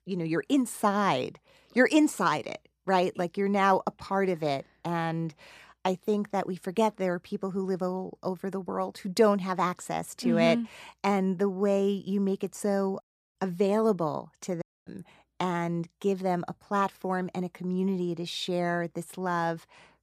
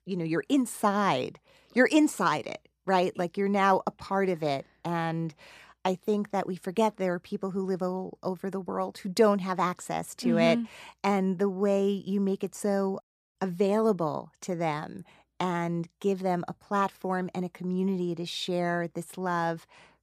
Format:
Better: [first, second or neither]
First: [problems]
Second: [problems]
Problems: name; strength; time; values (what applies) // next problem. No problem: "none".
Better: second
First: audio cutting out; at 15 s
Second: none